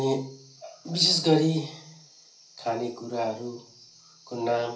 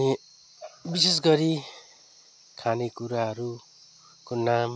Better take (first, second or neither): second